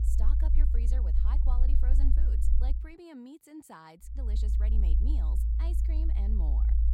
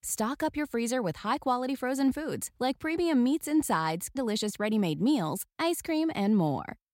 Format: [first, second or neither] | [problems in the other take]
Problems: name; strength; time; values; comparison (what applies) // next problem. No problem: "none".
second | low rumble; loud; until 3 s and from 4 s on; 1 dB below the speech